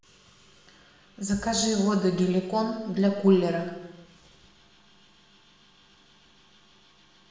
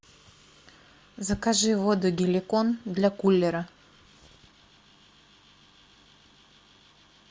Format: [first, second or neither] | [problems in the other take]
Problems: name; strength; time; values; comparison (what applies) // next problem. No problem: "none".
second | room echo; dies away in 1 s